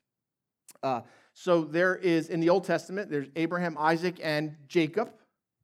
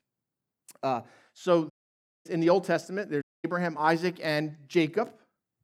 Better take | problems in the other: first | audio cutting out; at 1.5 s for 0.5 s and at 3 s

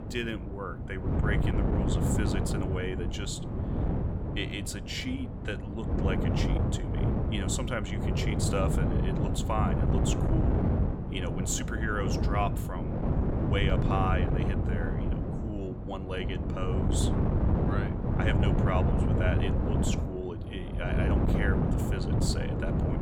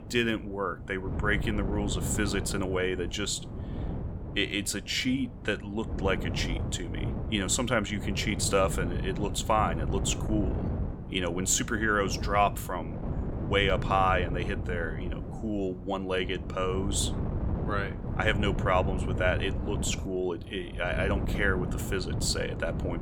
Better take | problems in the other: second | wind noise on the microphone; heavy; 1 dB below the speech; occasional gusts in the second

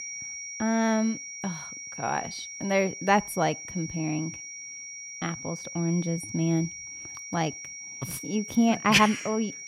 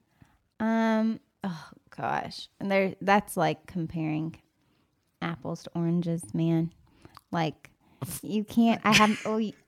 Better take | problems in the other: second | high-pitched whine; loud; throughout; 5.5 kHz, 10 dB below the speech

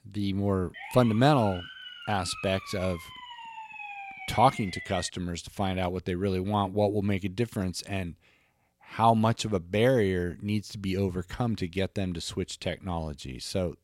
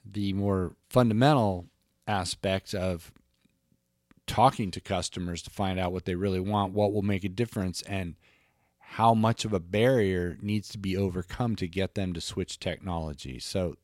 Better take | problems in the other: second | siren; faint; from 0.5 to 5 s; peak 10 dB below the speech

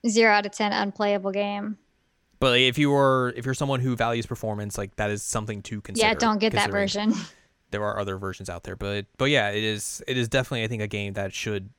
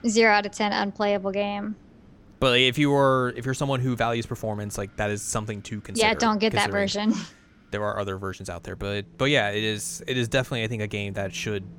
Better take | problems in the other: first | wind in the background; faint; throughout; 25 dB below the speech

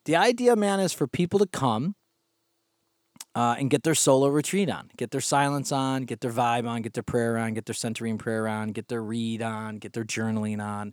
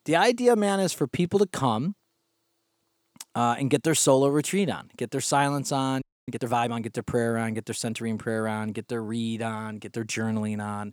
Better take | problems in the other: first | audio freezing; at 6 s

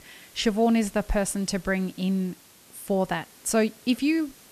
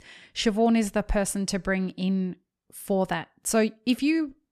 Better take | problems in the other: second | hiss; faint; throughout; 25 dB below the speech

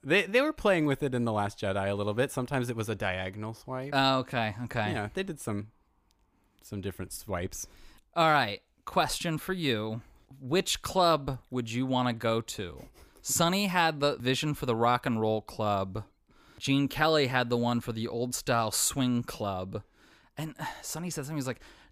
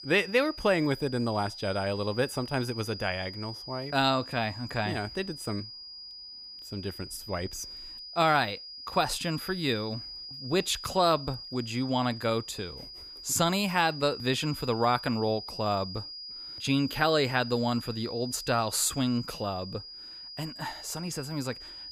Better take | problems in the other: first | high-pitched whine; noticeable; throughout; 5 kHz, 10 dB below the speech

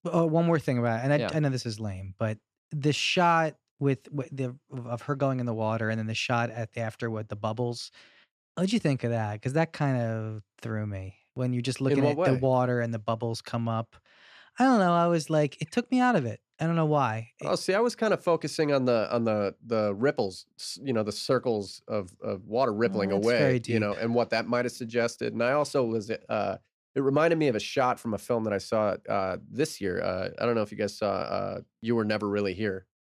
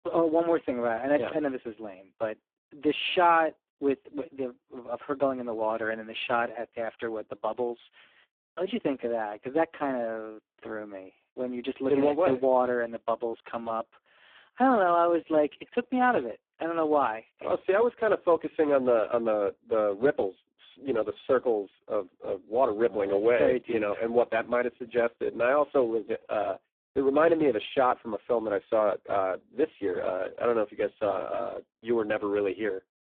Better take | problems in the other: first | phone-call audio; poor line

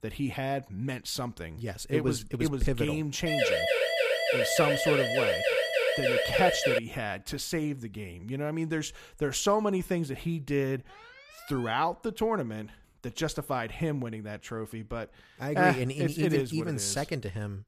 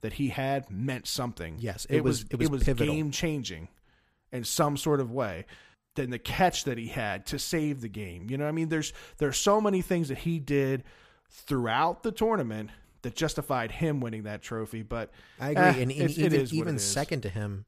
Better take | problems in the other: second | siren; loud; from 3.5 to 7 s; peak 5 dB above the speech // alarm; faint; at 11 s; peak 15 dB below the speech

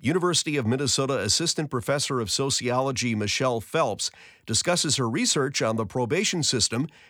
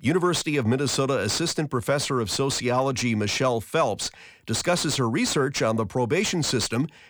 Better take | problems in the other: first | distortion; slight; 10 dB below the speech

